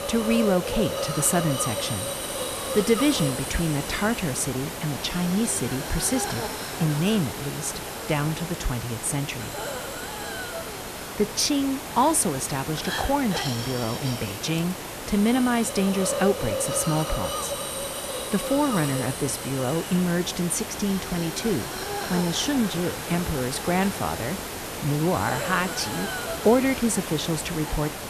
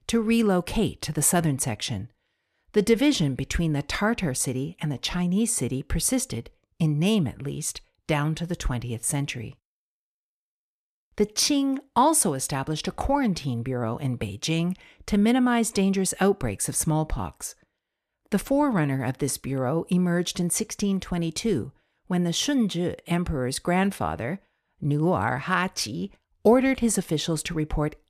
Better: second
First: hiss; loud; throughout; 5 dB below the speech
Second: none

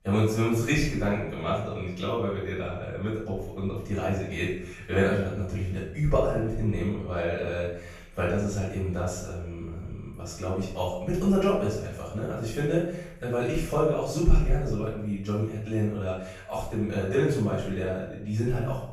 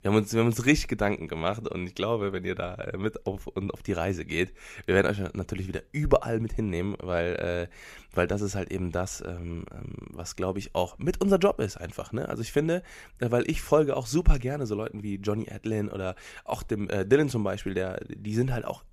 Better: second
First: room echo; noticeable; dies away in 0.6 s // off-mic speech; far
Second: none

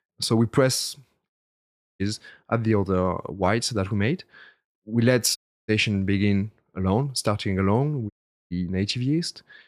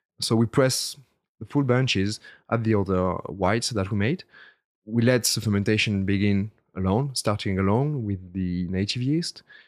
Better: second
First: audio cutting out; at 1.5 s for 0.5 s, at 5.5 s and at 8 s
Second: none

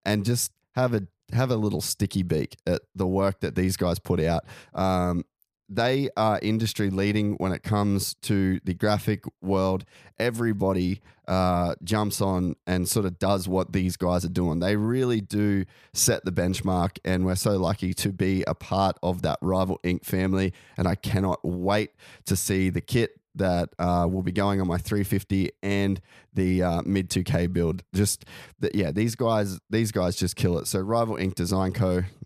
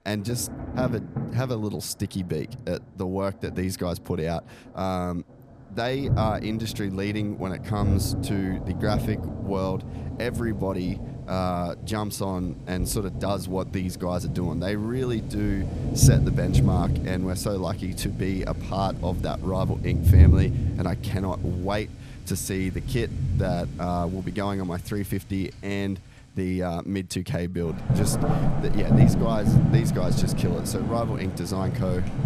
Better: first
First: none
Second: rain or running water; very loud; throughout; 2 dB above the speech

